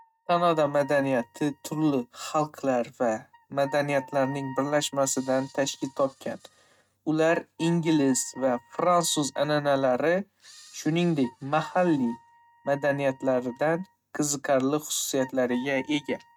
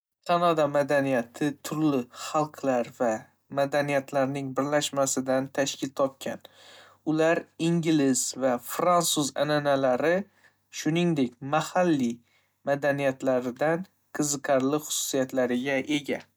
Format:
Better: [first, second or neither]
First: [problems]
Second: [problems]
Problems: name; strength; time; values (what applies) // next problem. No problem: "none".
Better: second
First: noise reduction (neural mask model RNNoise)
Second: none